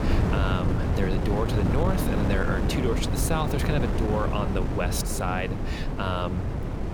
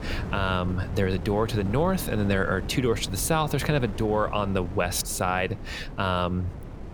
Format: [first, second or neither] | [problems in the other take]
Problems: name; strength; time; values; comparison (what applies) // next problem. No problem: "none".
second | wind noise on the microphone; heavy; 3 dB below the speech; occasional gusts in the second